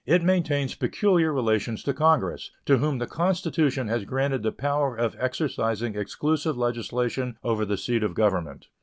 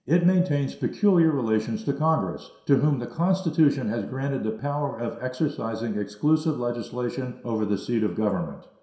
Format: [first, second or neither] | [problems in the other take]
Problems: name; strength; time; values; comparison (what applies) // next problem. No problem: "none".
first | room echo; dies away in 0.7 s